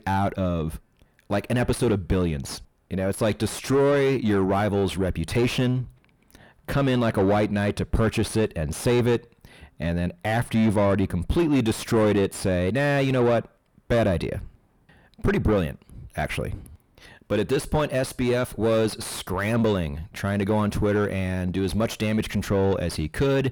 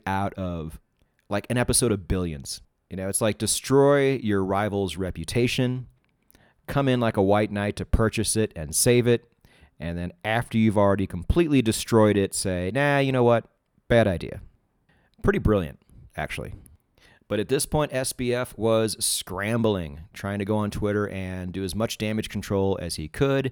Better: second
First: distortion; heavy; 7 dB below the speech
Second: none

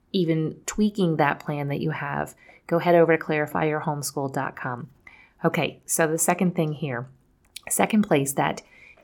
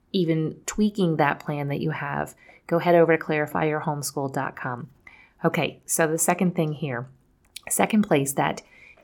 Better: neither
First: none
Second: none

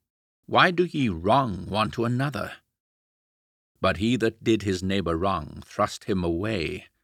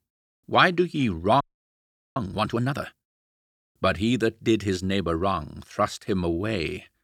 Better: first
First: none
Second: audio freezing; at 1.5 s for 1 s

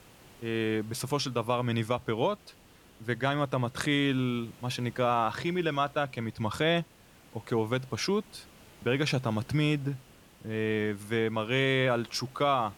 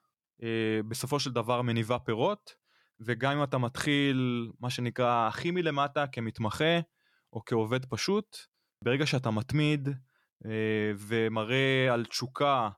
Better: second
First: hiss; faint; throughout; 25 dB below the speech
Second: none

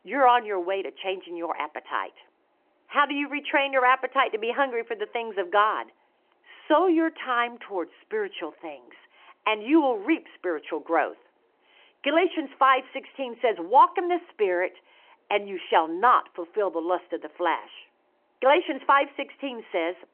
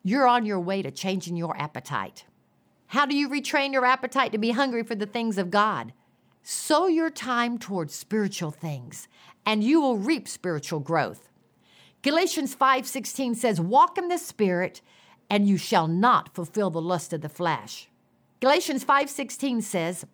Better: second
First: phone-call audio; nothing above 3 kHz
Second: none

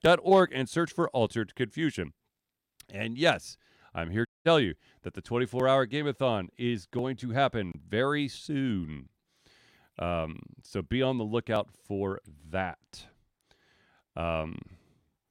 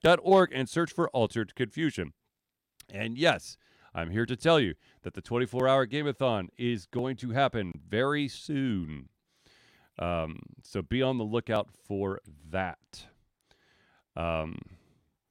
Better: second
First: audio cutting out; at 4.5 s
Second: none

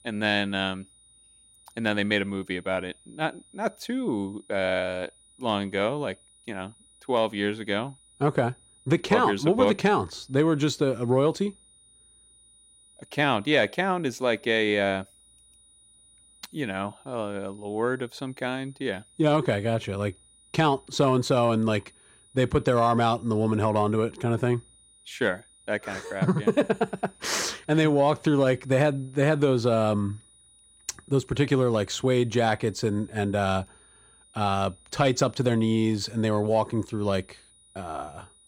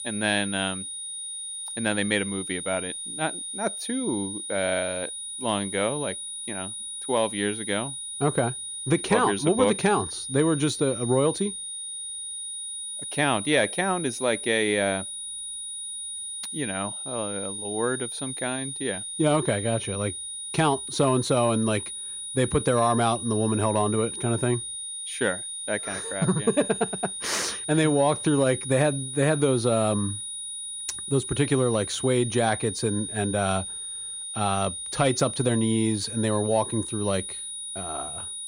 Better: first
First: high-pitched whine; faint; throughout; 9.5 kHz, 30 dB below the speech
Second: high-pitched whine; loud; throughout; 9.5 kHz, 6 dB below the speech

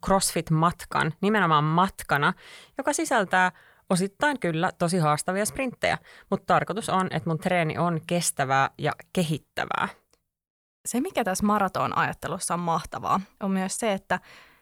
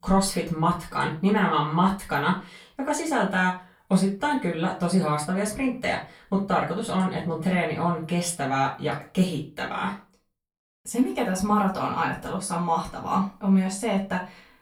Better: first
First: none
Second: off-mic speech; far // room echo; very slight; dies away in 0.3 s

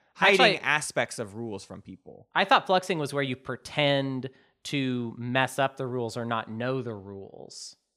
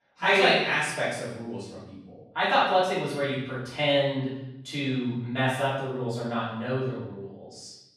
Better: first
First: none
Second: off-mic speech; far // room echo; noticeable; dies away in 0.8 s

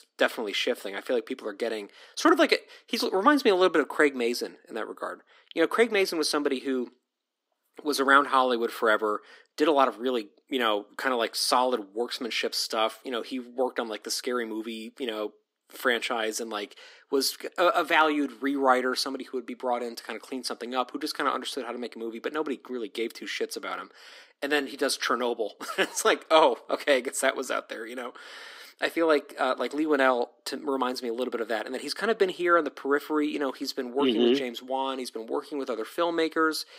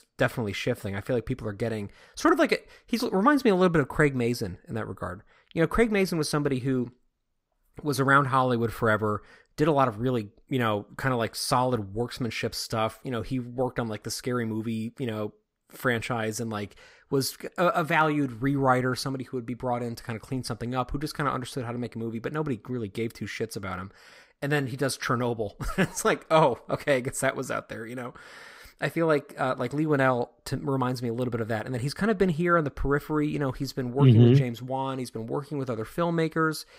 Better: second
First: thin; somewhat; fading below 250 Hz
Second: none

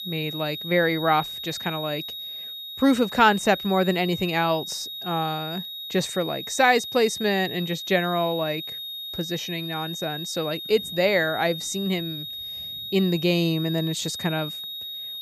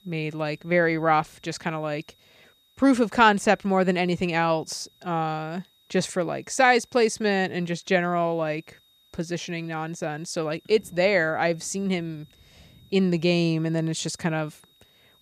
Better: second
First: high-pitched whine; loud; throughout; 3.5 kHz, 7 dB below the speech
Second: high-pitched whine; faint; throughout; 3.5 kHz, 35 dB below the speech

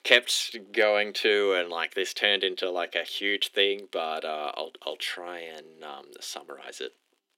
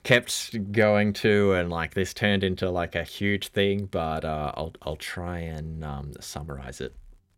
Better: second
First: thin; very; fading below 300 Hz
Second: none

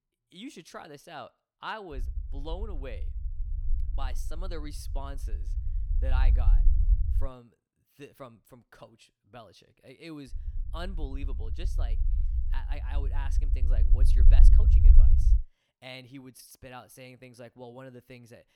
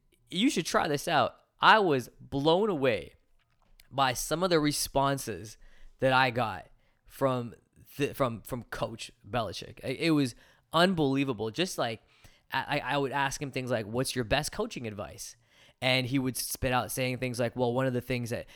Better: second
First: low rumble; loud; from 2 to 7.5 s and from 10 to 15 s; 6 dB below the speech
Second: none

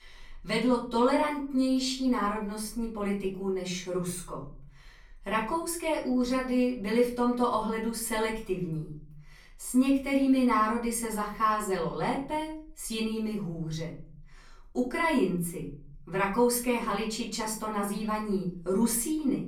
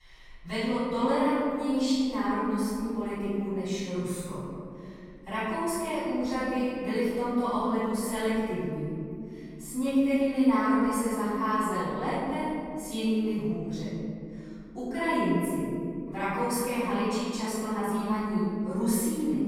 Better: first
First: room echo; slight; dies away in 0.4 s // off-mic speech; far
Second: room echo; strong; dies away in 2.8 s // off-mic speech; far

